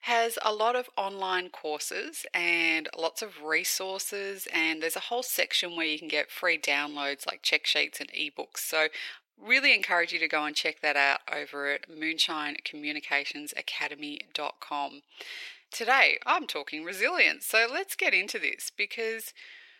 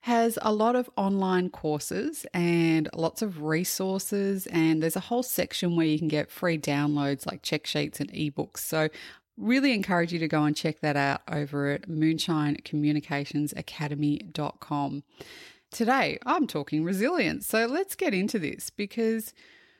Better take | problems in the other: second | thin; very; fading below 450 Hz

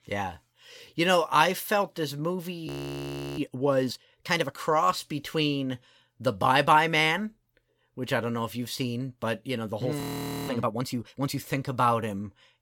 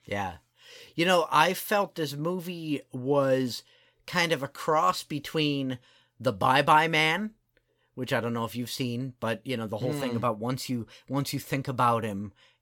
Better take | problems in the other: second | audio freezing; at 2.5 s for 0.5 s and at 10 s

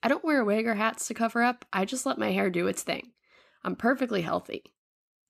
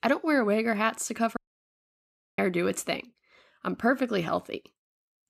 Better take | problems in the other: first | audio cutting out; at 1.5 s for 1 s

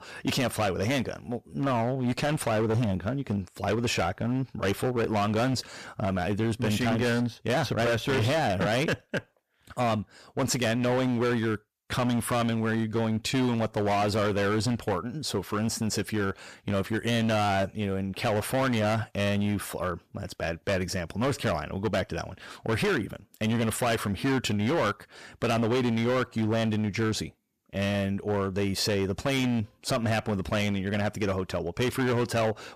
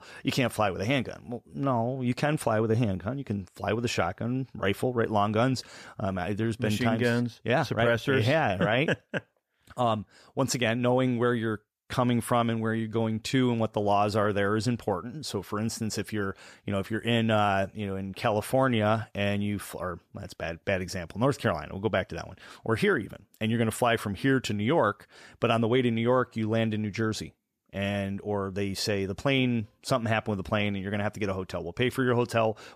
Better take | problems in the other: second | distortion; heavy; 17% of the sound clipped

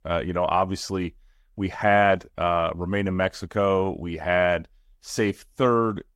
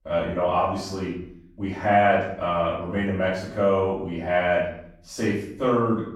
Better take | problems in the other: first | off-mic speech; far // room echo; noticeable; dies away in 0.6 s

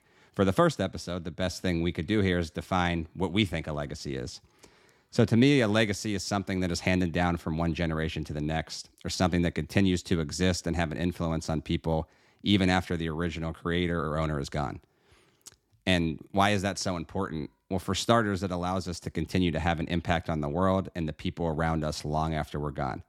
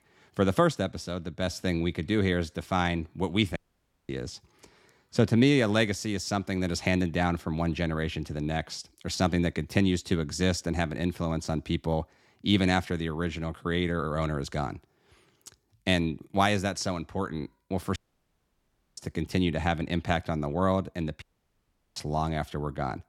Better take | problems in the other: first | audio cutting out; at 3.5 s for 0.5 s, at 18 s for 1 s and at 21 s for 0.5 s

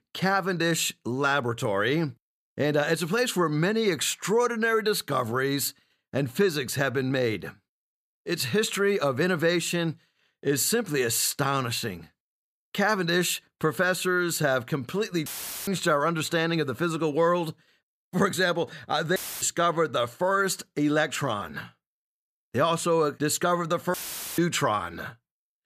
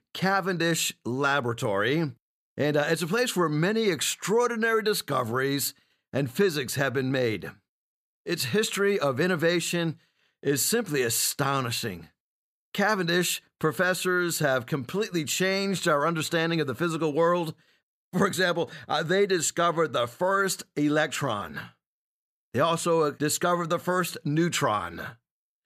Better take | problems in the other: second | audio cutting out; filled with static; at 15 s, at 19 s and at 24 s

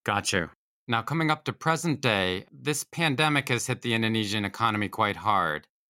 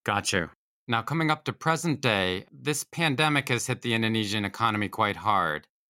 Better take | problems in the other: neither | none

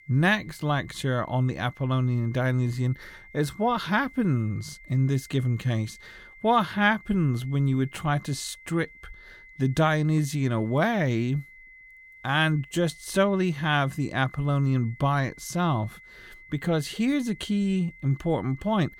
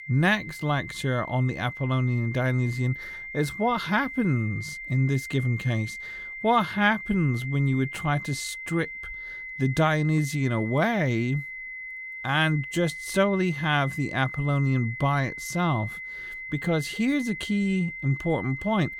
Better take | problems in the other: first | high-pitched whine; loud; throughout; 2 kHz, 9 dB below the speech; faint in the first

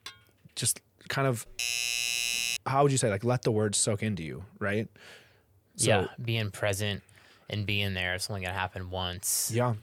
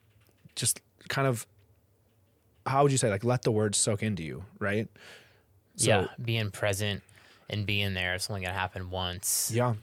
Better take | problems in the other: second | clattering dishes; faint; at the start; peak 15 dB below the speech // doorbell; loud; from 1.5 to 2.5 s; peak 2 dB above the speech

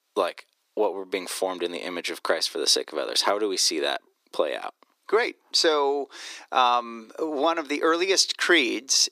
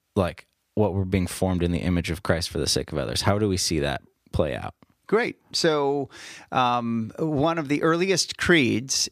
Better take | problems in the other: second | thin; very; fading below 350 Hz

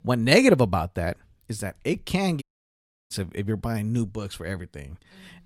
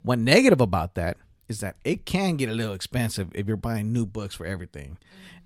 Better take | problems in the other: second | audio cutting out; at 2.5 s for 0.5 s

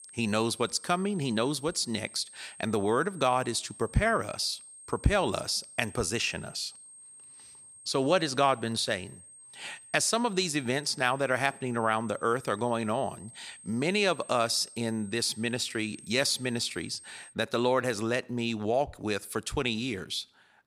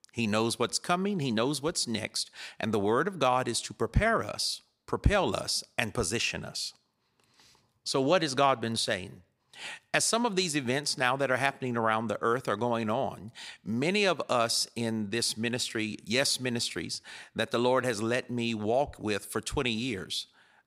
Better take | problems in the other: second | high-pitched whine; noticeable; until 17 s; 8.5 kHz, 20 dB below the speech

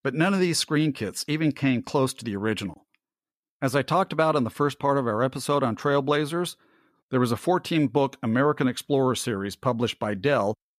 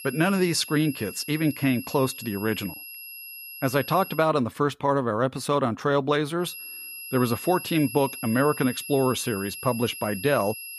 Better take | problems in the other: first | high-pitched whine; noticeable; until 4 s and from 6.5 s on; 11.5 kHz, 10 dB below the speech

